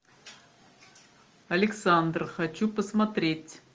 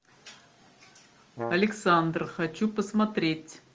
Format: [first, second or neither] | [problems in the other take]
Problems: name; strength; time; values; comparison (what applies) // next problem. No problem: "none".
first | background sound (Brass instrument); 11 dB below the speech